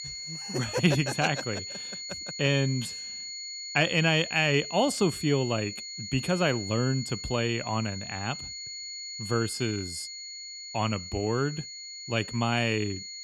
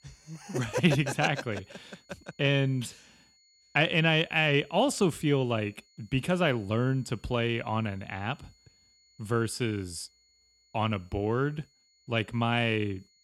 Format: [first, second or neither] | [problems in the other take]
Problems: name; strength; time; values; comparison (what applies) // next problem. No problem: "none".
second | high-pitched whine; loud; throughout; 4.5 kHz, 8 dB below the speech; faint in the second